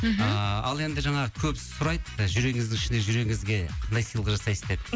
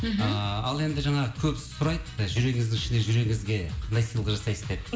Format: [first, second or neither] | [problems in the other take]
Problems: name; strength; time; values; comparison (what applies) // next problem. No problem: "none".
first | room echo; dies away in 2 s